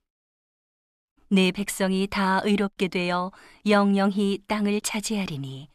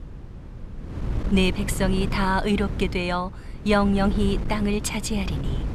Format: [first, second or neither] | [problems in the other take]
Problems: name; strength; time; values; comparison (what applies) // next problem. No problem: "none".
first | wind noise on the microphone; occasional gusts; 15 dB below the speech